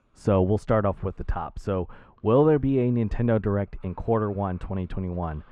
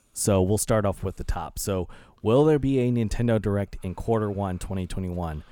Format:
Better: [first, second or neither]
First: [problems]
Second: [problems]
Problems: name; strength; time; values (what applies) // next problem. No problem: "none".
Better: second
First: muffled; very; fading above 2 kHz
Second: none